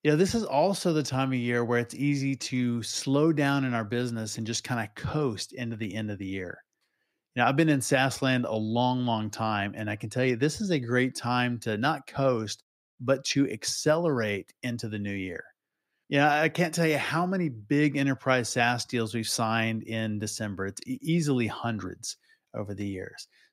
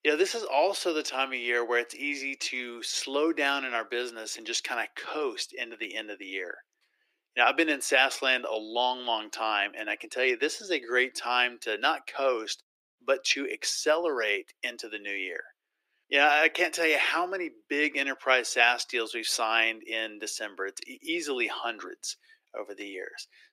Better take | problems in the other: first | thin; very; fading below 350 Hz

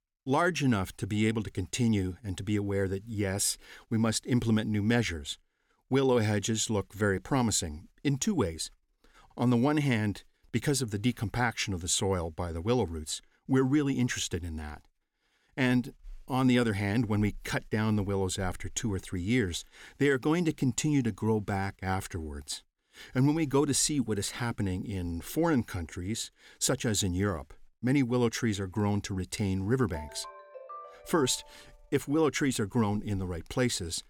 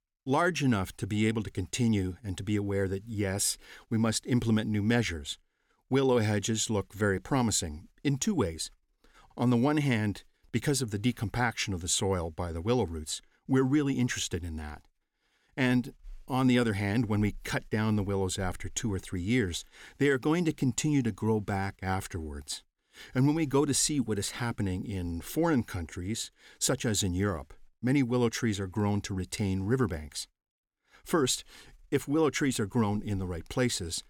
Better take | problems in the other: second | phone ringing; faint; from 30 to 32 s; peak 15 dB below the speech

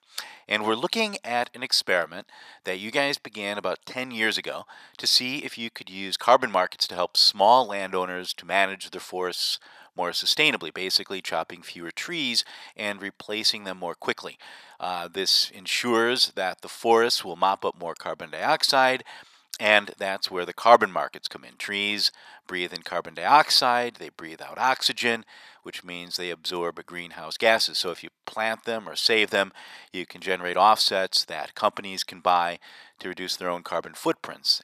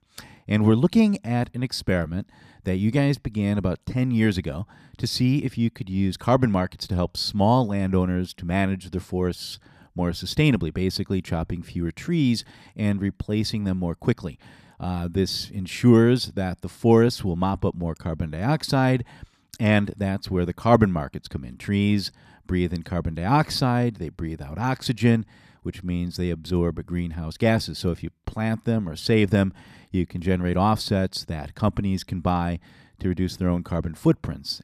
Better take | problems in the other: second | thin; very; fading below 750 Hz

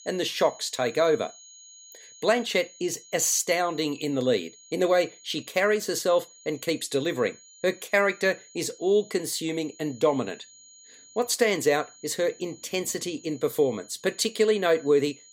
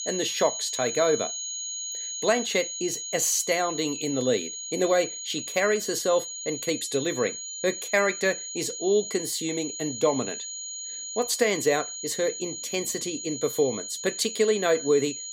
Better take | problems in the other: first | high-pitched whine; loud; throughout; 6.5 kHz, 6 dB below the speech; faint in the first

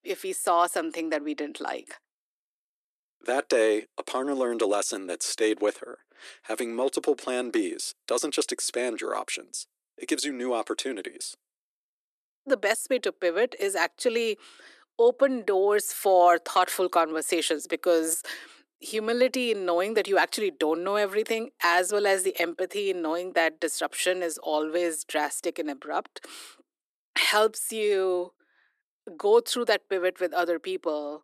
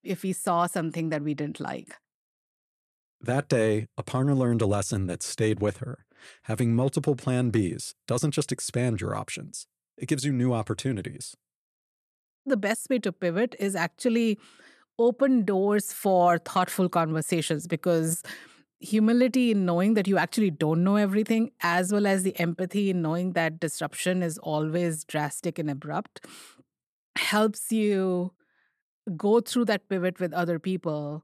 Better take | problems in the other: second | thin; very; fading below 300 Hz

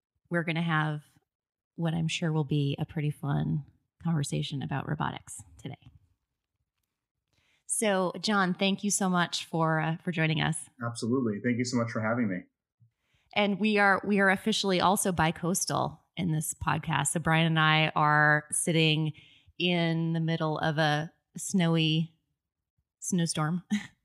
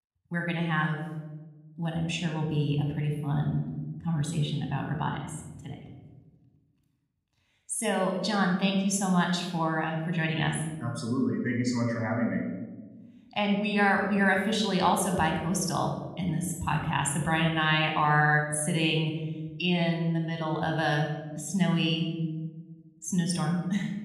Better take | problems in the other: first | room echo; noticeable; dies away in 1 s

